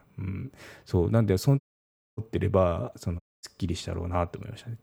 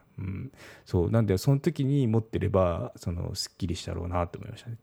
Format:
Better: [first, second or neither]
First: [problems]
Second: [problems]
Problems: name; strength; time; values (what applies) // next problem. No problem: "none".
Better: second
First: audio cutting out; at 1.5 s for 0.5 s and at 3 s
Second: none